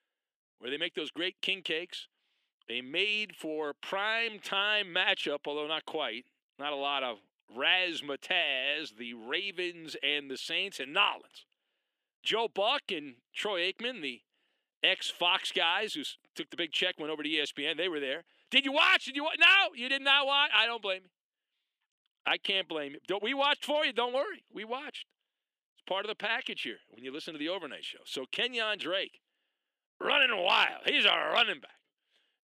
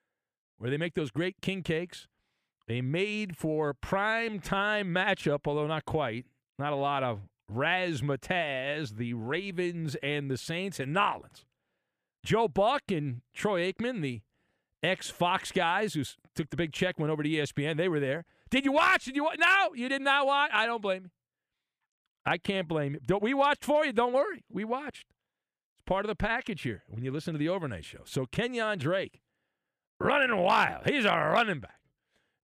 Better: second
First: thin; very slightly; fading below 250 Hz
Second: none

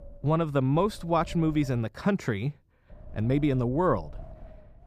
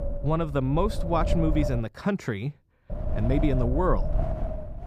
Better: first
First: wind noise on the microphone; occasional gusts; until 2 s and from 3 s on; 25 dB below the speech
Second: wind noise on the microphone; heavy; until 2 s and from 3 s on; 7 dB below the speech

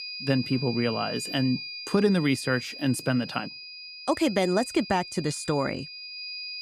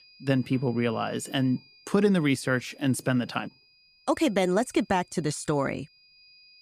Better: second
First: high-pitched whine; loud; throughout; 5 kHz, 9 dB below the speech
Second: high-pitched whine; faint; throughout; 5 kHz, 30 dB below the speech

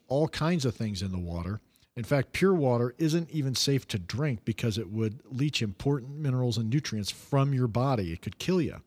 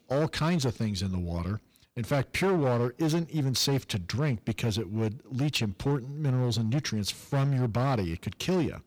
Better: first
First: none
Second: distortion; slight; 11% of the sound clipped

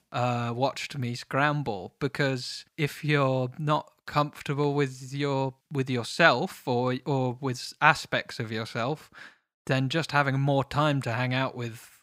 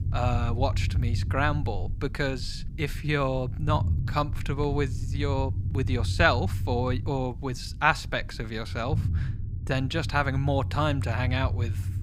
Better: first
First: none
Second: low rumble; noticeable; throughout; 15 dB below the speech

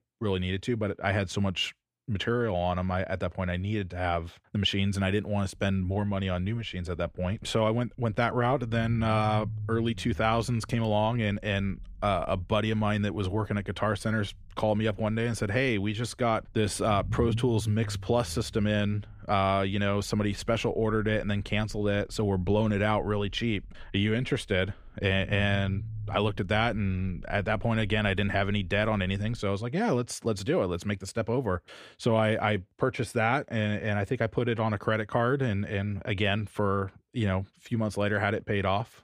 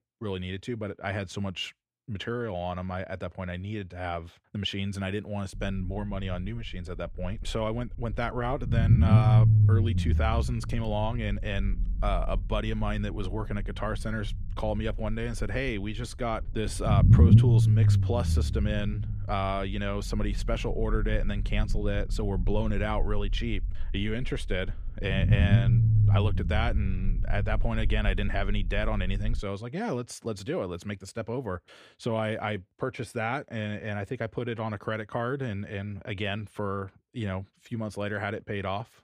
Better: first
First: low rumble; faint; from 5.5 to 29 s; 25 dB below the speech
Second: low rumble; loud; from 5.5 to 29 s; 4 dB below the speech

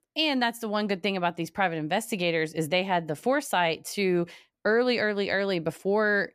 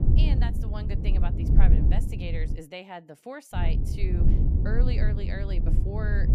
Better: first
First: none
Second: low rumble; loud; until 2.5 s and from 3.5 s on; 2 dB below the speech

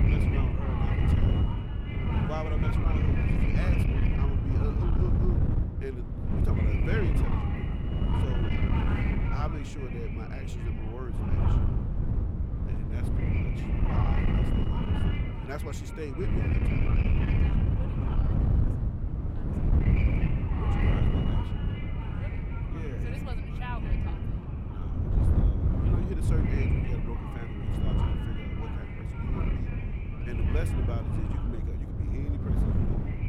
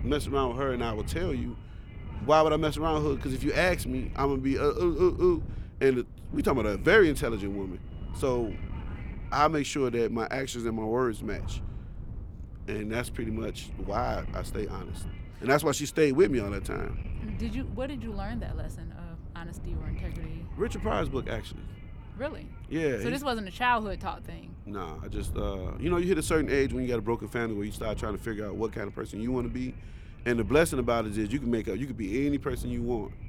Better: second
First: wind noise on the microphone; heavy; 5 dB above the speech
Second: wind noise on the microphone; occasional gusts; 20 dB below the speech

